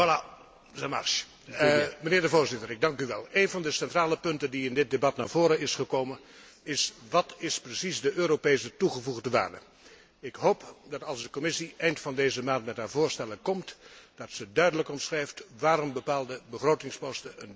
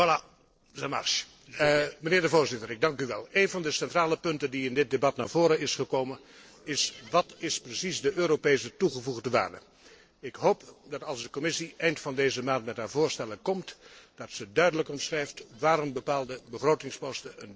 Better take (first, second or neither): first